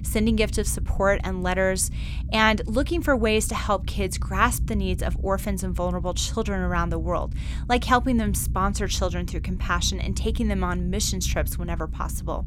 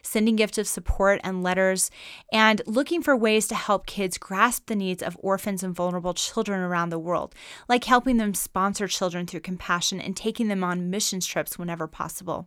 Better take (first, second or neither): second